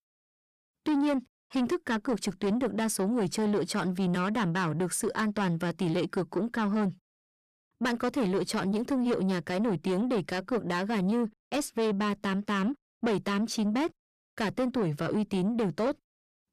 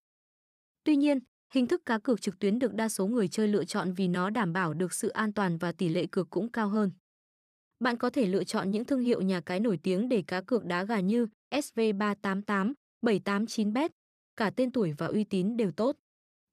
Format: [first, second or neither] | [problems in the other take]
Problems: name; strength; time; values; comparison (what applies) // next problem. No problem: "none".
second | distortion; slight; 10 dB below the speech